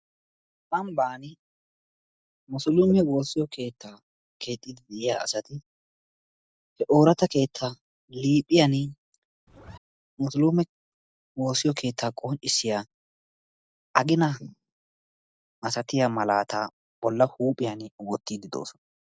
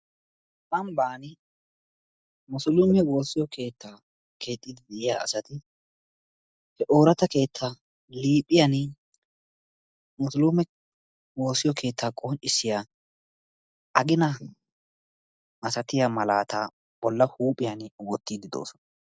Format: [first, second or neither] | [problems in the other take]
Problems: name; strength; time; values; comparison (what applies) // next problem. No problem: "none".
second | background sound (Zipper (clothing)); 19 dB below the speech